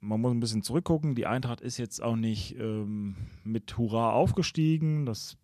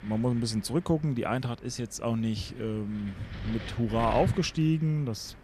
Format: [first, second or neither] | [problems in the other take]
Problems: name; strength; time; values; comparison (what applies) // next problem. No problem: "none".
first | wind noise on the microphone; occasional gusts; 15 dB below the speech